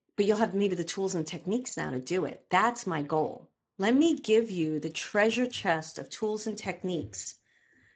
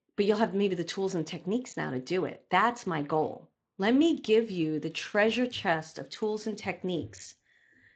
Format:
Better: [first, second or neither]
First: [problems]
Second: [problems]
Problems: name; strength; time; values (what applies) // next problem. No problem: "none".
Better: second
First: garbled, watery; badly; nothing above 7.5 kHz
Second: garbled, watery; slightly; nothing above 7.5 kHz